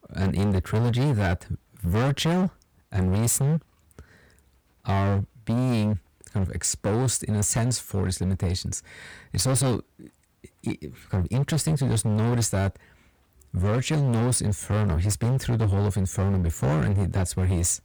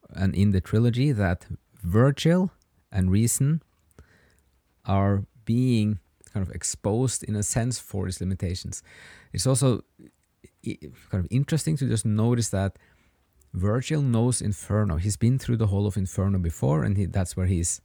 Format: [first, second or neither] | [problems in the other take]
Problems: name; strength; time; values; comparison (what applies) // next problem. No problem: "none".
second | distortion; heavy; 20% of the sound clipped